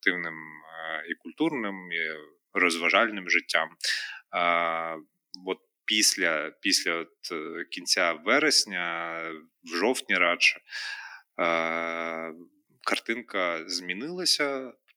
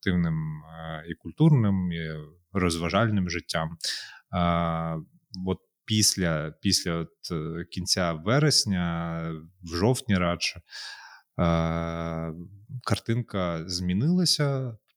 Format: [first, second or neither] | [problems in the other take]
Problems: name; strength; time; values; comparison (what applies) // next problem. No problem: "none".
second | thin; very; fading below 250 Hz